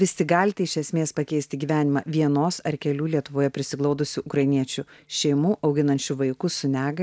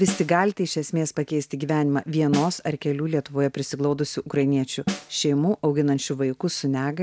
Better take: first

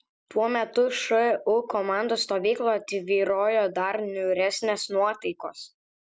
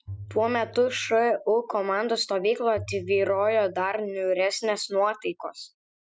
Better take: first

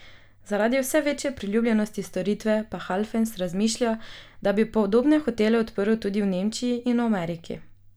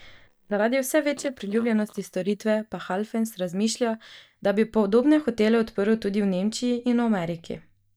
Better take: first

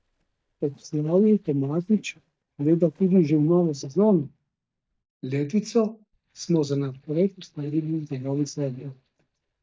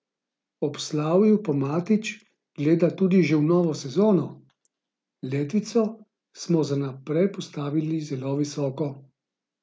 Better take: second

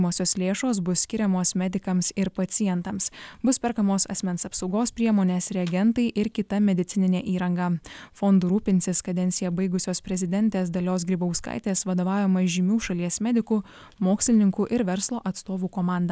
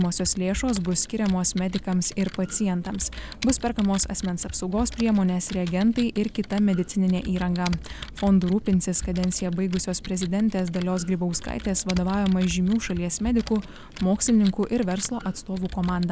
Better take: first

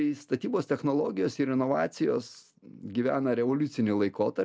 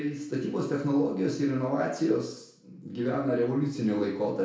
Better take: first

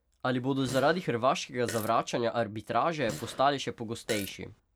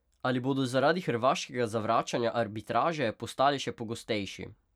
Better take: second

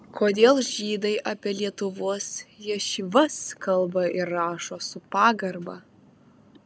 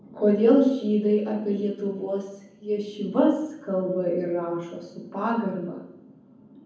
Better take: first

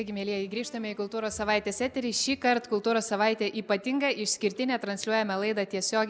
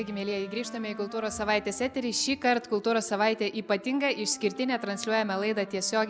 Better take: first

